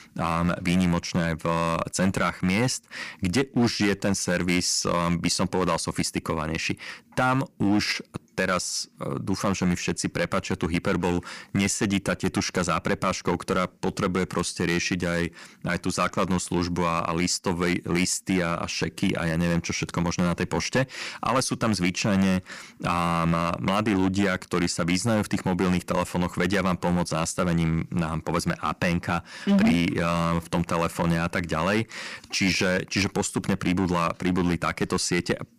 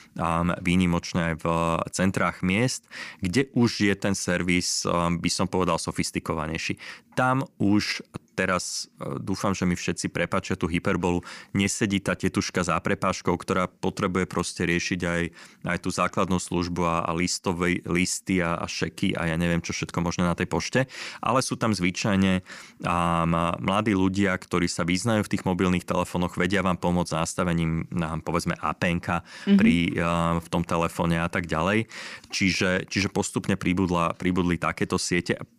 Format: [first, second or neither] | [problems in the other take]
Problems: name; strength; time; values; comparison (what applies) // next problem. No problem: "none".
second | distortion; slight; 5% of the sound clipped